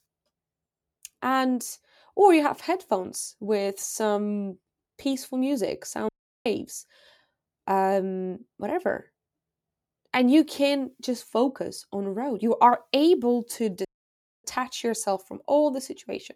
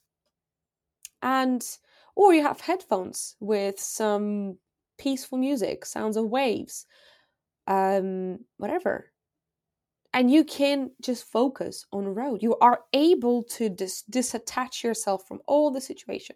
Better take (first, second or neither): second